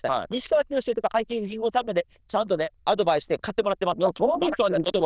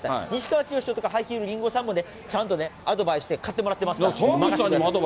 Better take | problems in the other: second | noise reduction (neural diffusion model UNIVERSE++)

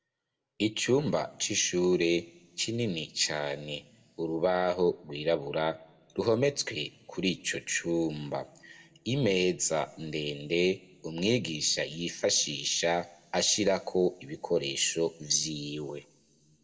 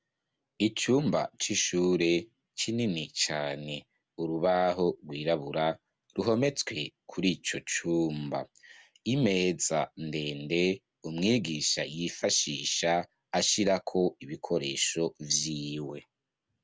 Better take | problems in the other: second | room echo; dies away in 1.5 s

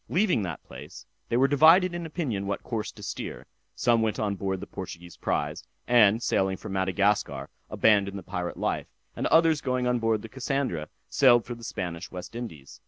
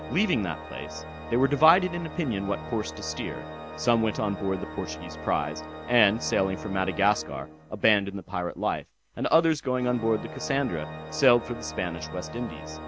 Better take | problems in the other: first | background sound (Organ); 12 dB below the speech

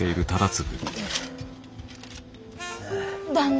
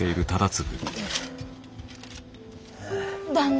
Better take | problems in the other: second | background sound (Harmonica); 13 dB below the speech

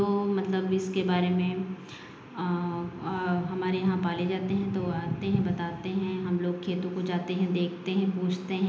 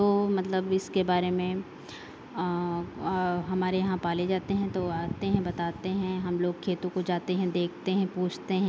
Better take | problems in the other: second | room echo; dies away in 0.9 s

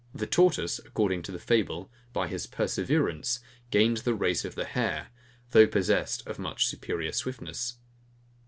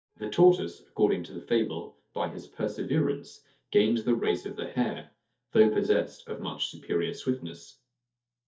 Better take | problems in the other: first | noise reduction (neural mask model DeepFilterNet 3)

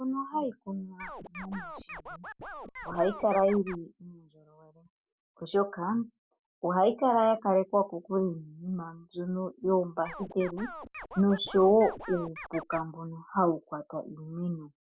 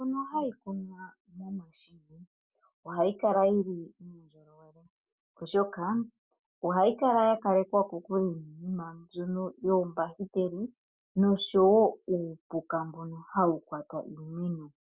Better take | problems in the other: second | background sound (Scratching (performance technique)); 13 dB below the speech

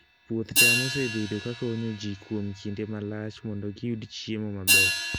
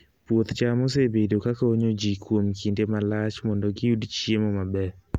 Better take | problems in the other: second | background sound (Hi-hat); 3 dB above the speech

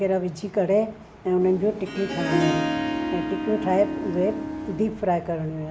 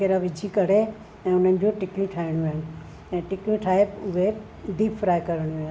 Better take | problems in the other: second | background sound (Harp); 3 dB below the speech

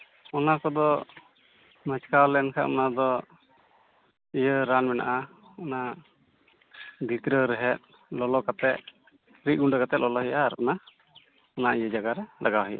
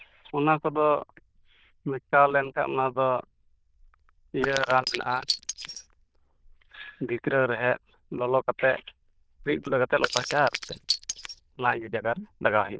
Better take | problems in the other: first | noise reduction (neural diffusion model UNIVERSE++)

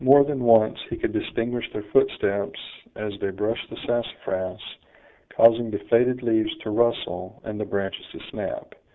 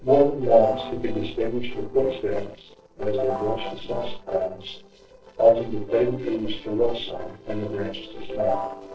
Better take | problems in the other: first | noise reduction (neural separator model SepFormer DNS4)

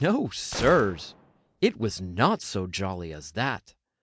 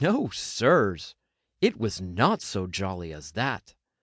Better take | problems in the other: second | background sound (Gunshot, gunfire); 14 dB below the speech

